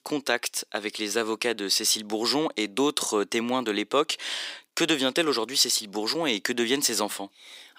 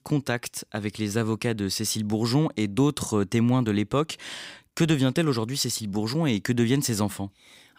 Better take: second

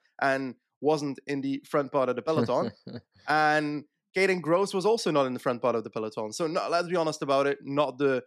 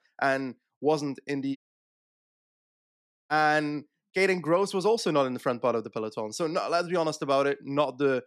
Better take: first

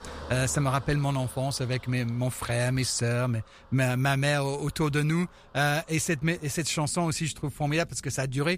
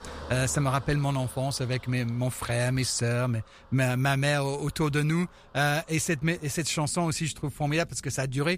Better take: neither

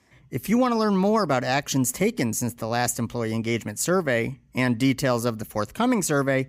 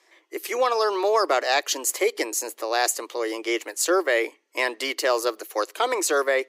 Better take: first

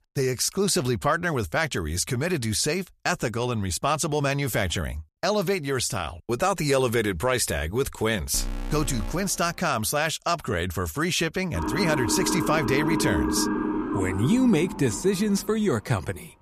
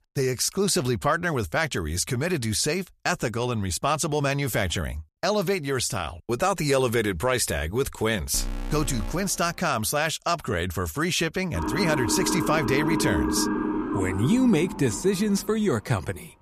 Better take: neither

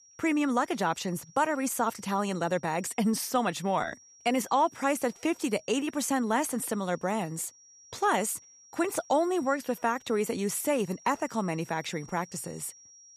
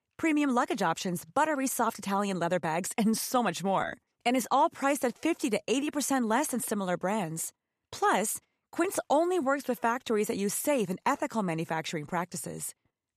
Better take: second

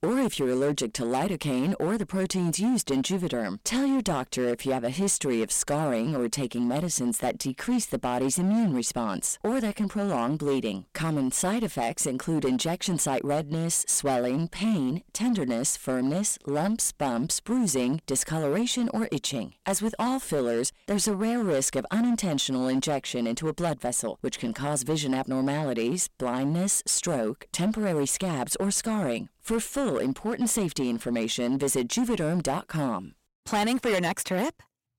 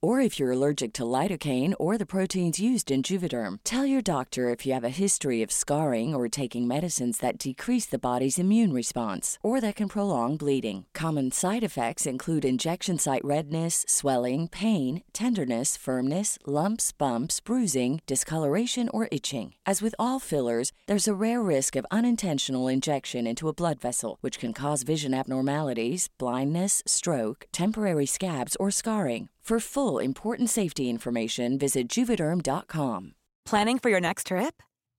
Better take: second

